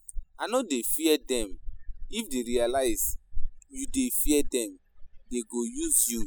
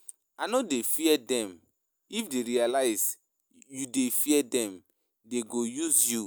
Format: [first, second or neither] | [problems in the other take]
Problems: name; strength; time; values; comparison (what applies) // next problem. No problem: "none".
second | noise reduction (classical method spectral subtraction)